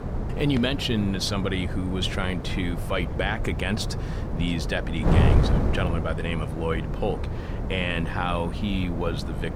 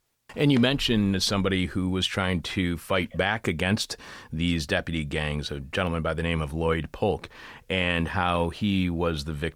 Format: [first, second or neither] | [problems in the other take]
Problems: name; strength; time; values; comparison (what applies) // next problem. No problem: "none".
second | wind noise on the microphone; heavy; 6 dB below the speech